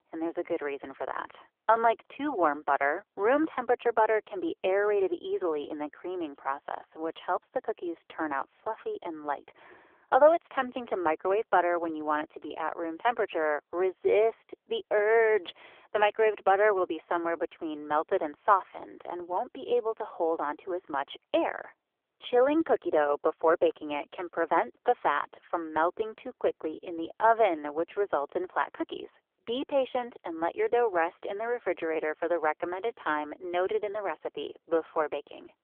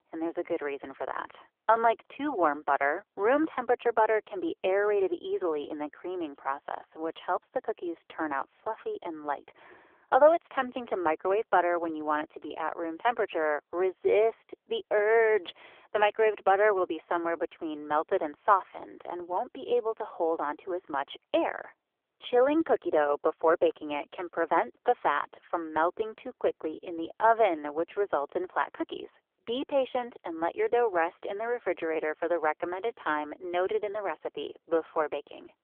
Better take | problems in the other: neither | phone-call audio; poor line; nothing above 3.5 kHz; the same in both

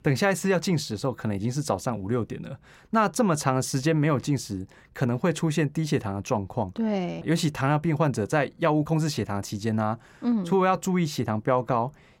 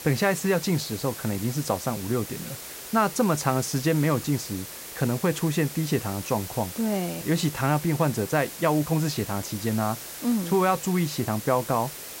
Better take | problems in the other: first | hiss; noticeable; throughout; 10 dB below the speech

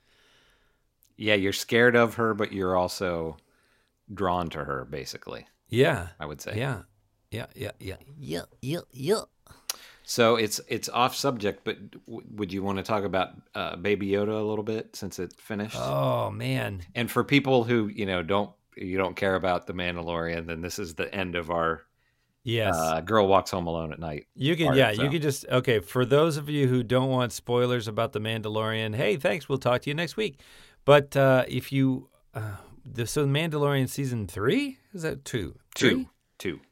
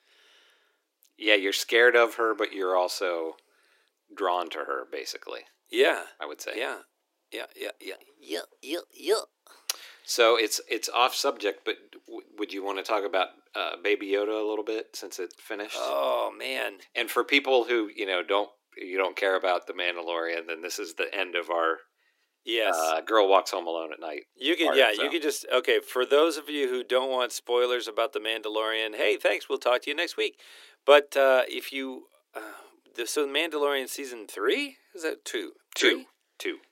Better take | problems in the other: first | thin; very; fading below 300 Hz

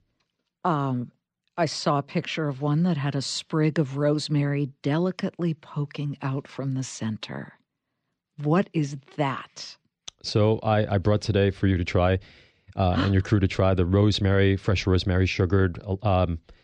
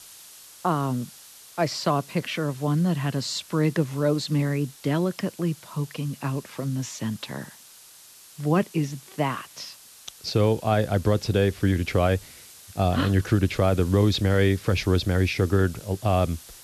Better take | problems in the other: first | hiss; faint; throughout; 20 dB below the speech

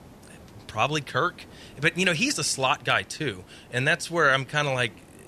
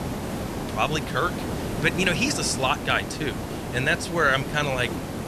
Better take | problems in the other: first | hiss; loud; throughout; 6 dB below the speech; faint in the first

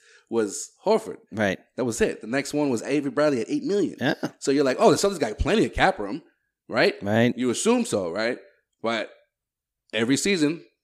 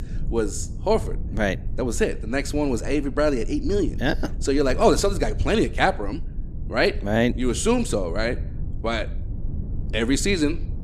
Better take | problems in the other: first | low rumble; faint; throughout; 20 dB below the speech

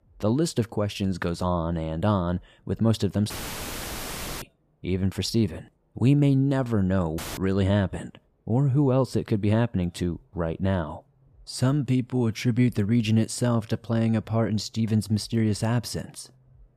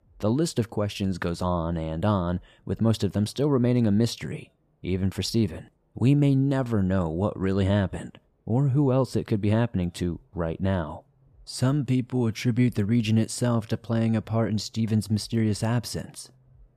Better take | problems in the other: second | audio cutting out; filled with static; at 3.5 s for 1 s and at 7 s

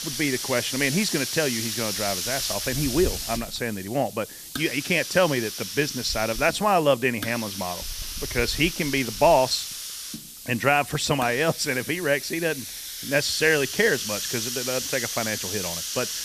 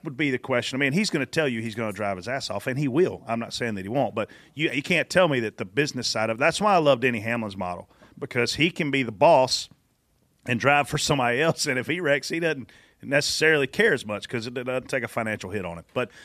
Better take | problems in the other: second | hiss; loud; throughout; 6 dB below the speech

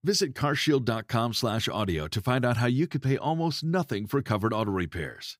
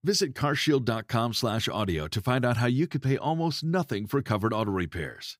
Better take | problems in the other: neither | none

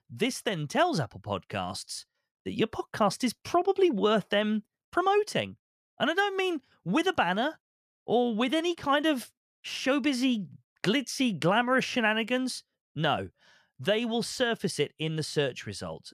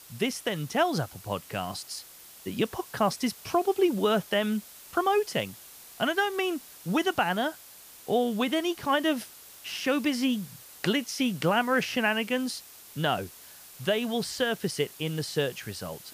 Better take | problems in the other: first | hiss; noticeable; throughout; 20 dB below the speech

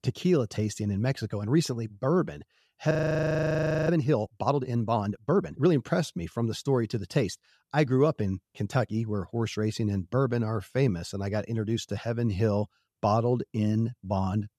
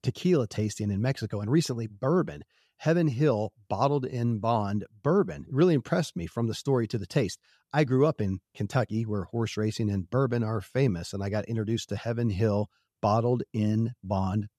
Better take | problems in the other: second | audio freezing; at 3 s for 1 s

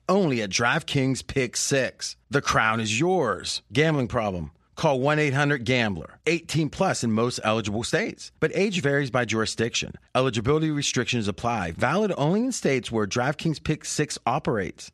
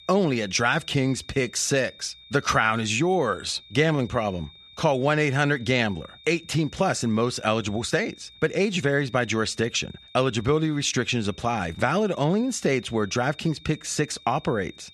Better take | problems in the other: first | high-pitched whine; faint; throughout; 3.5 kHz, 20 dB below the speech

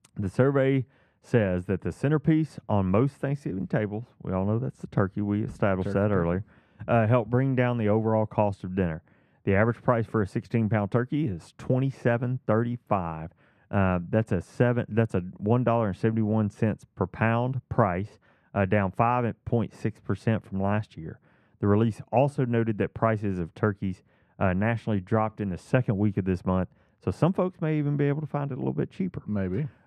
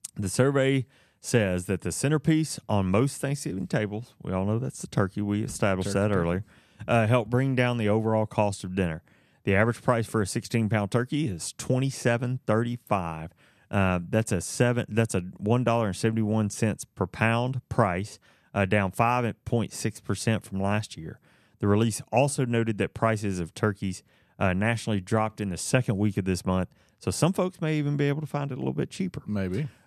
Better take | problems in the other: second | muffled; very; fading above 3.5 kHz

